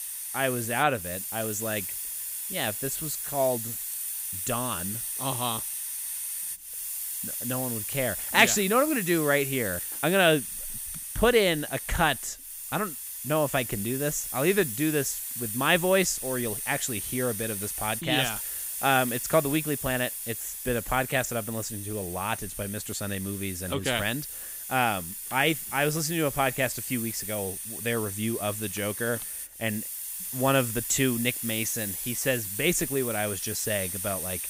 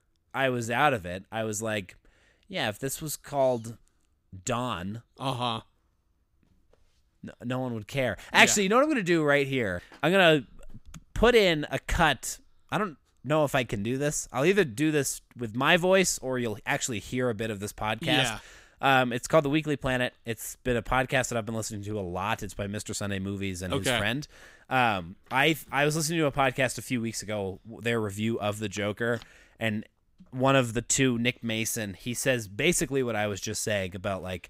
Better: second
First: hiss; loud; throughout; 4 dB below the speech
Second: none

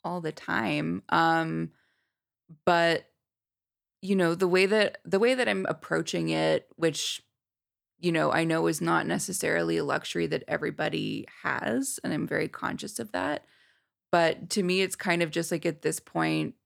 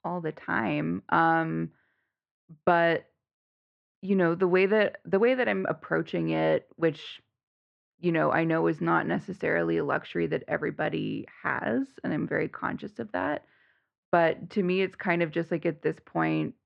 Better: first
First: none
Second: muffled; very; fading above 2.5 kHz

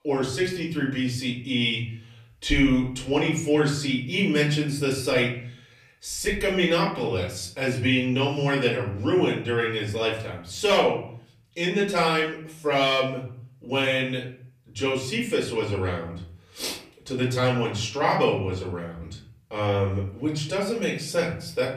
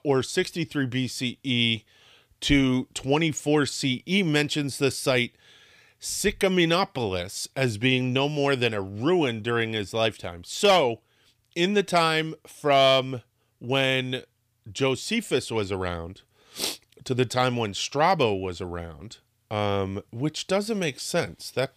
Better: second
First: off-mic speech; far // room echo; slight; dies away in 0.6 s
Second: none

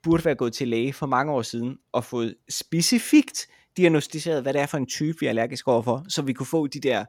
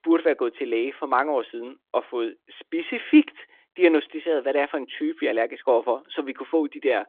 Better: first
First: none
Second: phone-call audio; nothing above 3.5 kHz

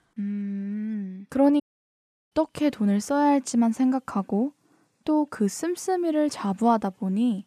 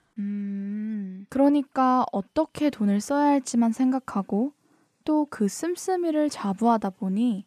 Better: second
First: audio cutting out; at 1.5 s for 0.5 s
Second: none

